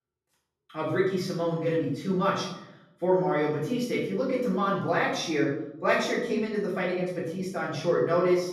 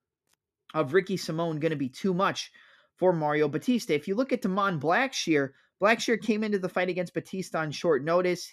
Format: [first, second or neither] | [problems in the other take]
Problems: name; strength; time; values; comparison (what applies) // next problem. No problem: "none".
second | off-mic speech; far // room echo; noticeable; dies away in 0.7 s